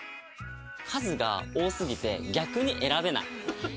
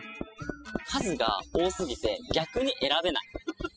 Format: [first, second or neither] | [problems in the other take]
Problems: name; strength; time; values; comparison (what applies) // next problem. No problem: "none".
first | noise reduction (classical method spectral subtraction)